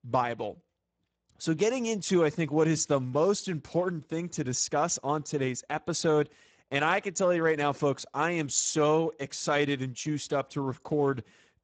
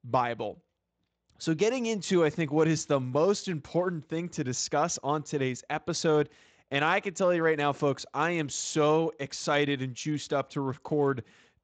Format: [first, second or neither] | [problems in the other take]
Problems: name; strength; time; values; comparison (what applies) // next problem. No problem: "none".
second | garbled, watery; badly; nothing above 7.5 kHz; slightly in the second